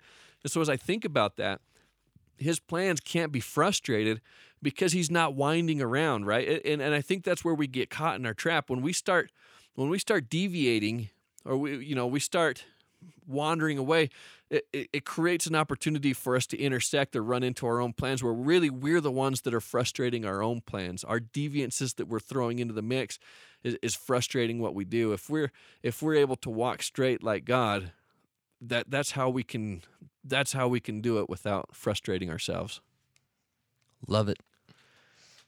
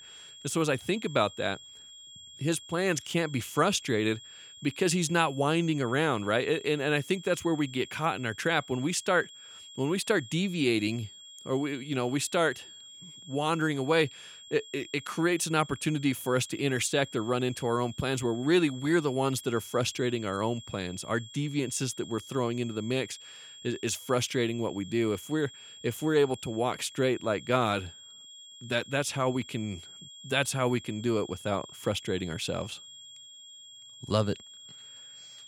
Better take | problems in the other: first | high-pitched whine; noticeable; throughout; 3.5 kHz, 15 dB below the speech

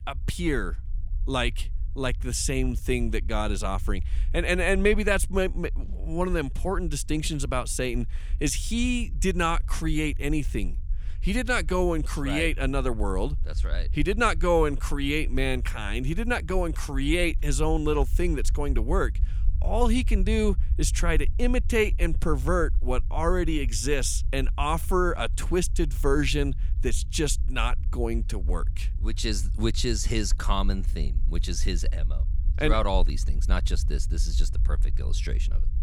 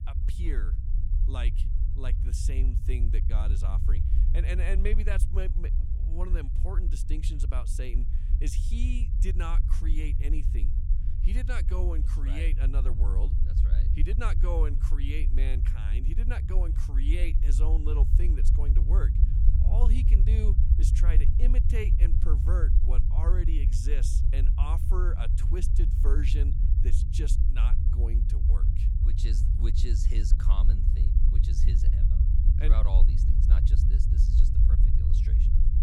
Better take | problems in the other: first | low rumble; loud; throughout; 4 dB below the speech; faint in the first

